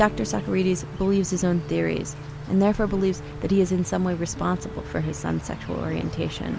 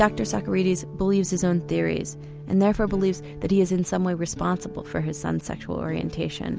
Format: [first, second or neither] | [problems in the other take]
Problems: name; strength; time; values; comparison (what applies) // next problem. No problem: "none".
second | background sound (Insect); 14 dB below the speech